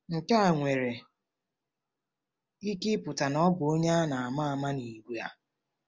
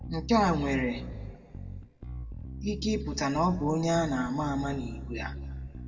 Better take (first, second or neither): first